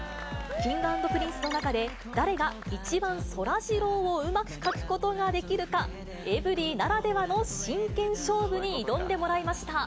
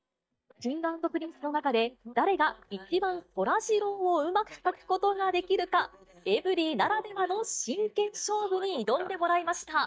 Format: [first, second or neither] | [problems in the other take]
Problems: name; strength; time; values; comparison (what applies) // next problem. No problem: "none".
first | noise reduction (neural mask model DeepFilterNet 3)